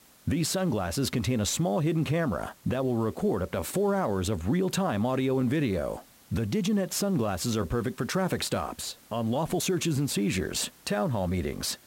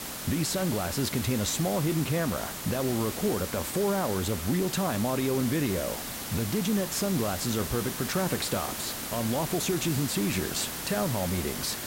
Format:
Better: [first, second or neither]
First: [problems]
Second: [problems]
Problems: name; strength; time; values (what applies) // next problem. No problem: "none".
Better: first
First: hiss; faint; throughout; 25 dB below the speech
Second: hiss; loud; throughout; 5 dB below the speech